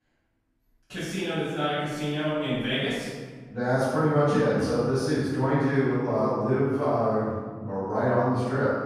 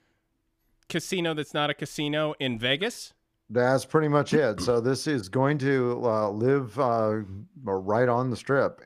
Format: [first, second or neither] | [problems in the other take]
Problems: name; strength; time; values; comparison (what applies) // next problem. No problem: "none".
second | off-mic speech; far // room echo; strong; dies away in 1.5 s